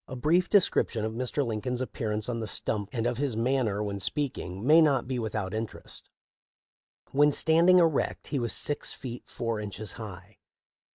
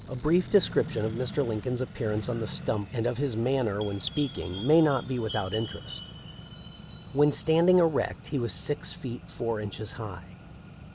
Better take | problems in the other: first | background sound (Accelerating, revving, vroom + Chime); 13 dB below the speech

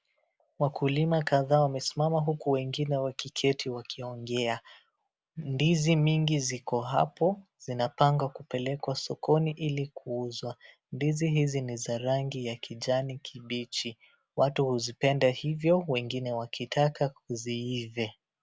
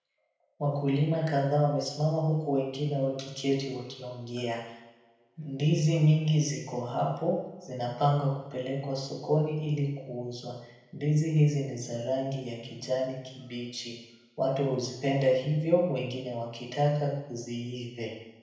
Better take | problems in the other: first | room echo; dies away in 0.9 s

